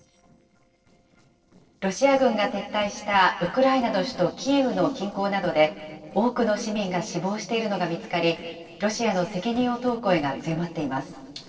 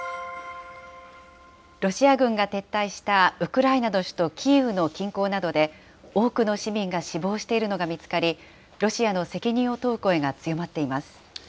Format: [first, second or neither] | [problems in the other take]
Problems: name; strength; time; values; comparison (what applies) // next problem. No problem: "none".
second | noise reduction (neural separator model SepFormer DNS4)